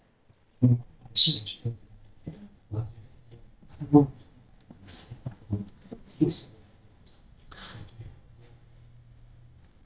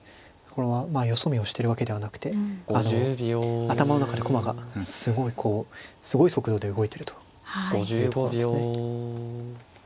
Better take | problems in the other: second | noise reduction (neural mask model DeepFilterNet 3)

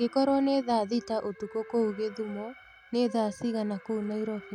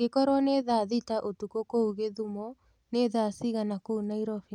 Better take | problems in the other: second | background sound (Wind instrument, woodwind instrument + Alarm); 20 dB below the speech

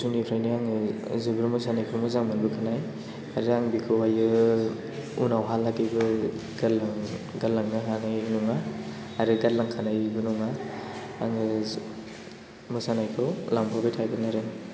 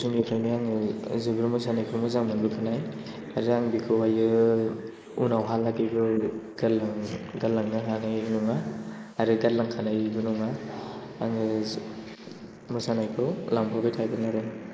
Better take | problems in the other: first | noise reduction (neural mask model Resemble Enhance denoiser)

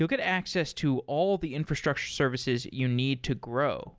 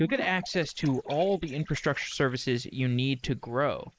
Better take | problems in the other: first | noise reduction (neural mask model Resemble Enhance denoiser)

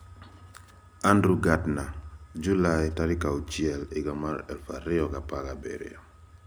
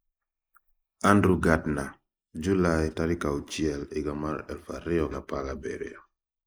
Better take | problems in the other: first | noise reduction (neural mask model Resemble Enhance denoiser)

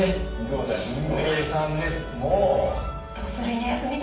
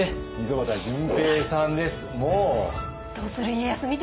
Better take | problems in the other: second | room echo; dies away in 0.6 s

